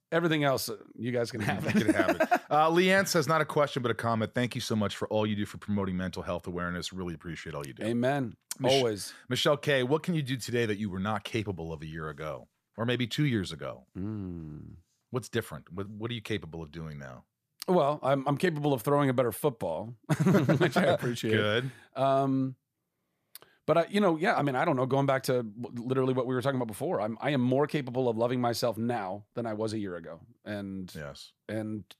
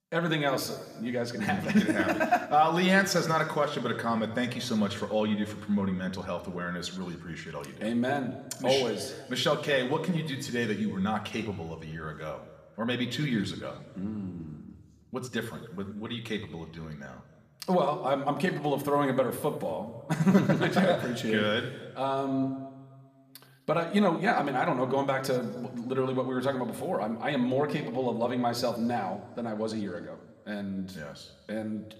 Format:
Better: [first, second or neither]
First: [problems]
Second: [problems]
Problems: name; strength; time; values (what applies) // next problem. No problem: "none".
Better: first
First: none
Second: room echo; slight; dies away in 1.4 s